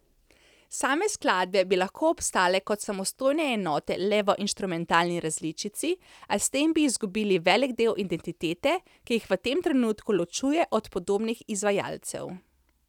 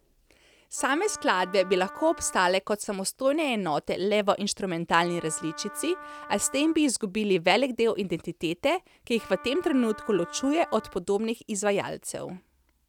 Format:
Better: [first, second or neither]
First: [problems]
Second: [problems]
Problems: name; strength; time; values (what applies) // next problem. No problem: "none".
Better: first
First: none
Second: background sound (Wind instrument, woodwind instrument); 17 dB below the speech